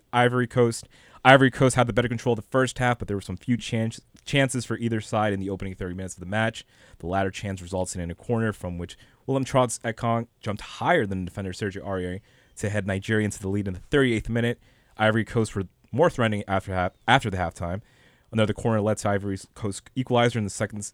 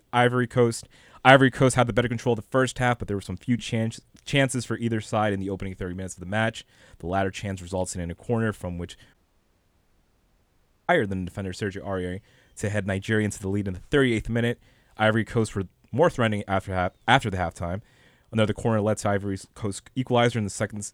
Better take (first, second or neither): first